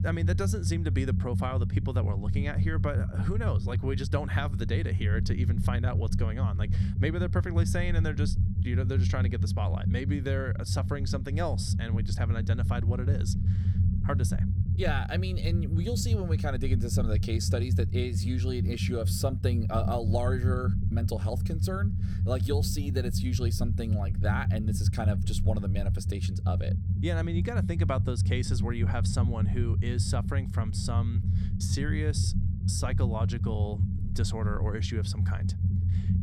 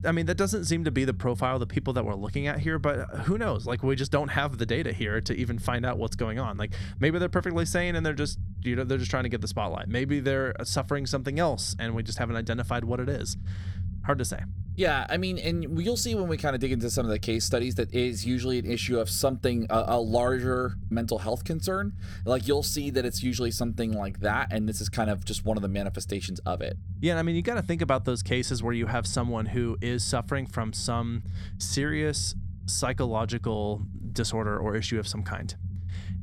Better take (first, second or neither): second